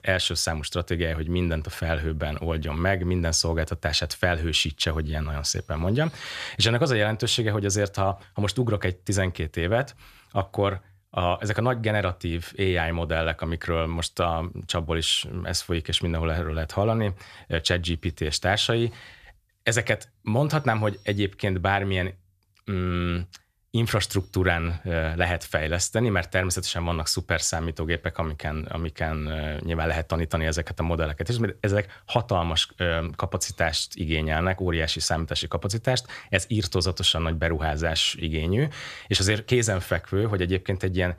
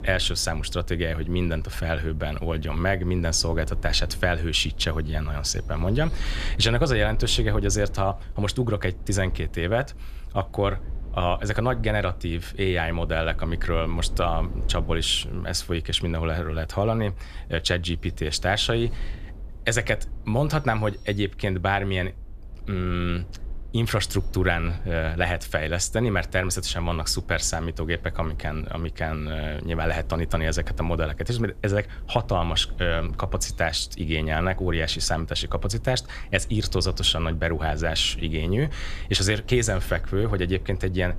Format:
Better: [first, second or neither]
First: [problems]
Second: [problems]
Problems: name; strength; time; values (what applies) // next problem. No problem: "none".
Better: first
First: none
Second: low rumble; faint; throughout; 25 dB below the speech